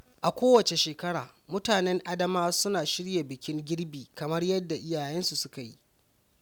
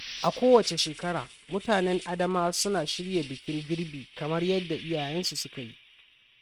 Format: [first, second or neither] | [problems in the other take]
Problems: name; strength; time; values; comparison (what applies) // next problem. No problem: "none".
first | noise reduction (neural mask model RNNoise)